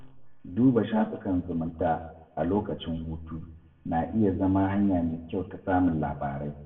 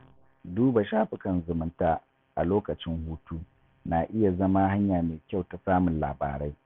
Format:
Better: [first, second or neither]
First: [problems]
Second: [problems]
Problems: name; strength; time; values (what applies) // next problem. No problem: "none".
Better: second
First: room echo; dies away in 0.7 s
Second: none